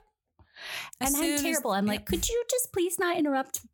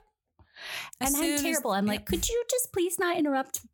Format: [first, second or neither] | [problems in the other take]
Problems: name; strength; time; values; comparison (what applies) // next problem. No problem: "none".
neither | none